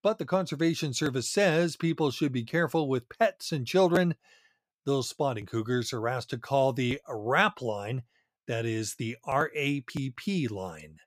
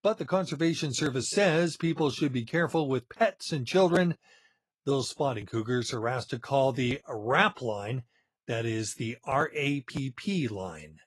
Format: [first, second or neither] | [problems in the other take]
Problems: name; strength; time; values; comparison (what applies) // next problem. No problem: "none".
first | garbled, watery; slightly; nothing above 11 kHz